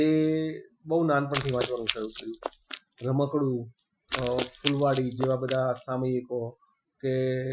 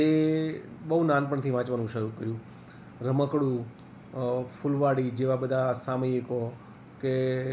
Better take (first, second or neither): second